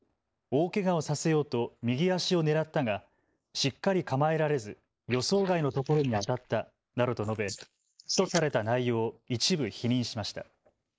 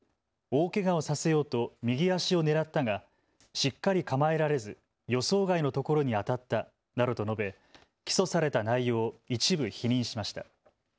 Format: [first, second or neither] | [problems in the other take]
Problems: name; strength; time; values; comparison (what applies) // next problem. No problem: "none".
second | noise reduction (neural mask model Resemble Enhance denoiser)